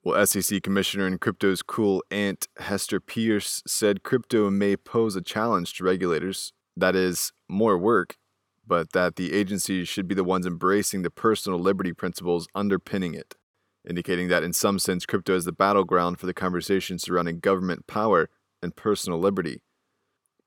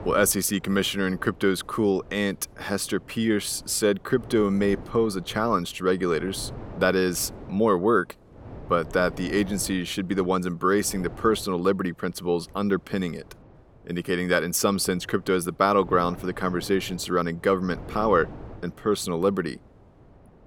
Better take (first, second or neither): first